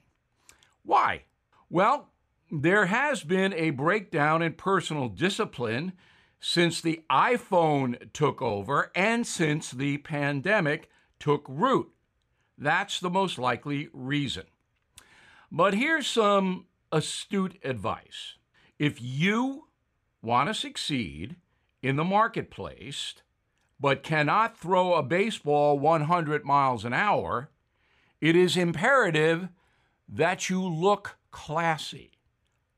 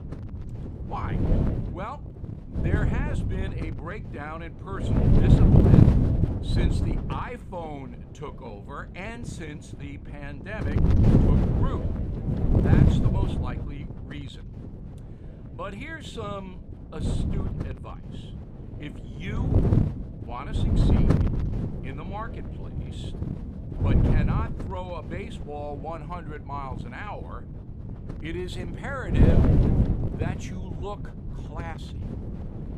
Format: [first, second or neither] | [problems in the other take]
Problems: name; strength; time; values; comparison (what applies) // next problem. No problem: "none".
first | wind noise on the microphone; heavy; 4 dB above the speech